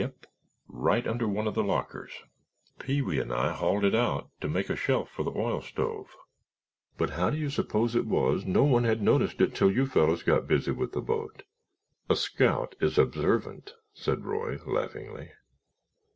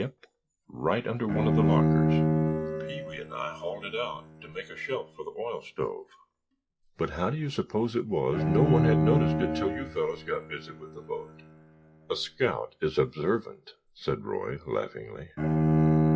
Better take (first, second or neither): first